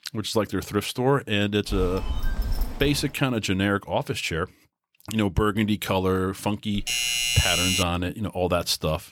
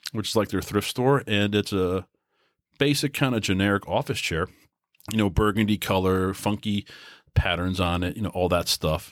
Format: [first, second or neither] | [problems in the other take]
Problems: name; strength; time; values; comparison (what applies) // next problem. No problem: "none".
second | phone ringing; noticeable; from 1.5 to 3 s; peak 5 dB below the speech // doorbell; loud; from 7 to 8 s; peak 4 dB above the speech